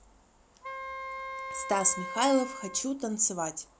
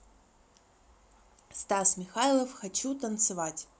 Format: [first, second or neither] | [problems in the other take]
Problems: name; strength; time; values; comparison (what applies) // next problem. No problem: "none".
second | background sound (Wind instrument, woodwind instrument); 8 dB below the speech